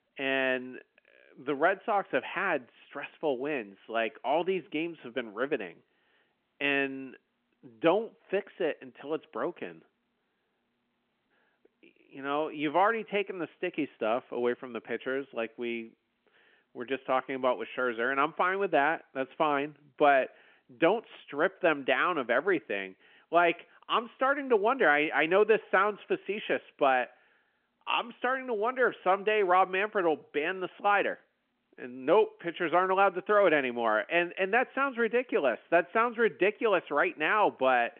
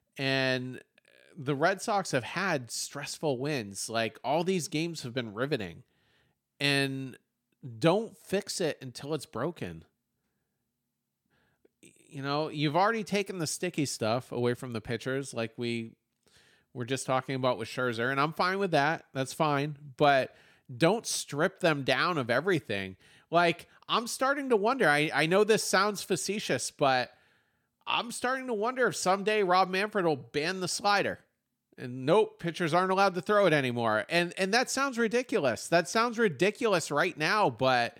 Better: second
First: phone-call audio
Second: none

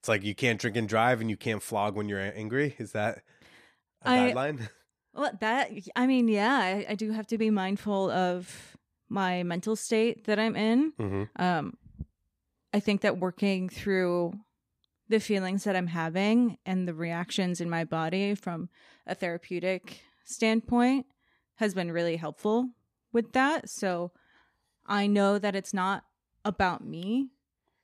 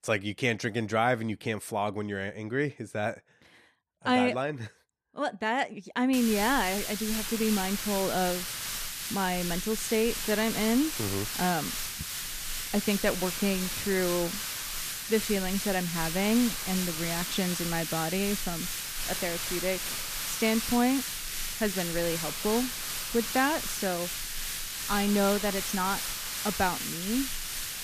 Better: first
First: none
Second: hiss; loud; from 6 s on; 3 dB below the speech

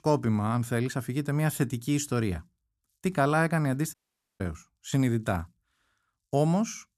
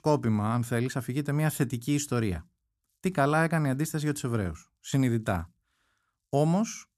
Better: second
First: audio cutting out; at 4 s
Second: none

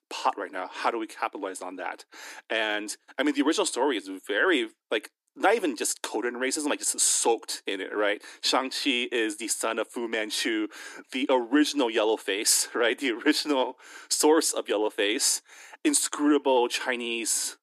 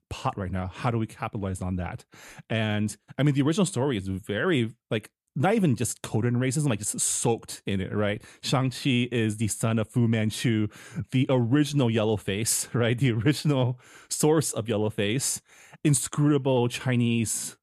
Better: second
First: thin; somewhat; fading below 300 Hz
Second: none

